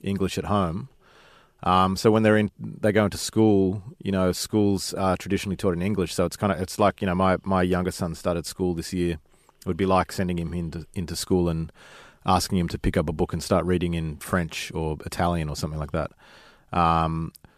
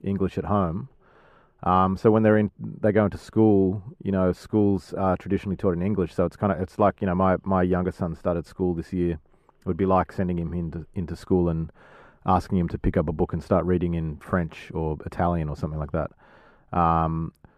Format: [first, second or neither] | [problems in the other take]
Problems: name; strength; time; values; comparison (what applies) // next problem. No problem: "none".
first | muffled; very; fading above 2.5 kHz